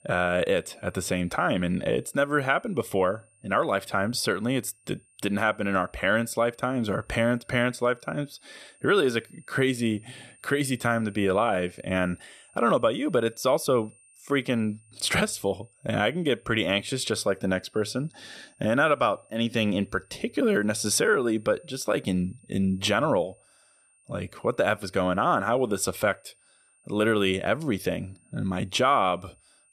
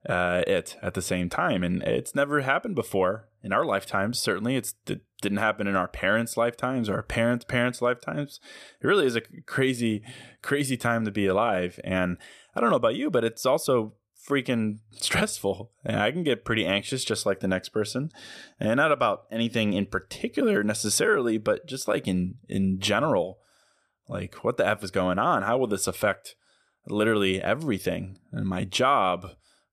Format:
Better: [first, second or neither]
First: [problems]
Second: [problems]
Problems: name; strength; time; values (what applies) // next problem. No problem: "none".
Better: second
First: high-pitched whine; faint; throughout; 9 kHz, 30 dB below the speech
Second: none